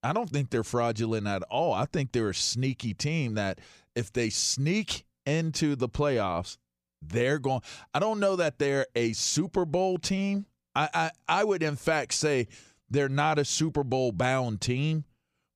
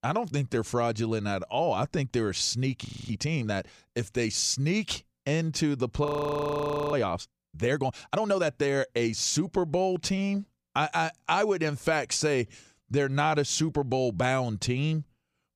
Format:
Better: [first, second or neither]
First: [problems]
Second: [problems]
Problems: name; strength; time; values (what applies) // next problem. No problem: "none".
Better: first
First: none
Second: audio freezing; at 3 s and at 6 s for 1 s